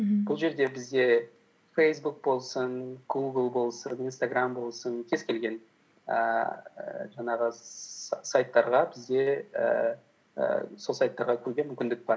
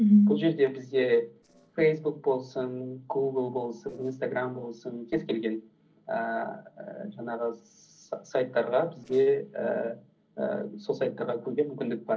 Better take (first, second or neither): first